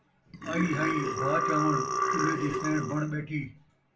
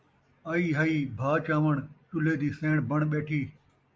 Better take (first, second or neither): second